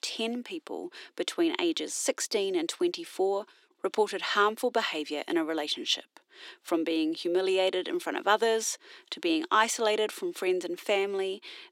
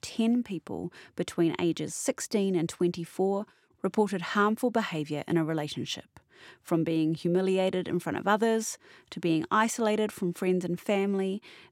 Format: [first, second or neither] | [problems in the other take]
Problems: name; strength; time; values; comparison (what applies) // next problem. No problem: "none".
second | thin; somewhat; fading below 300 Hz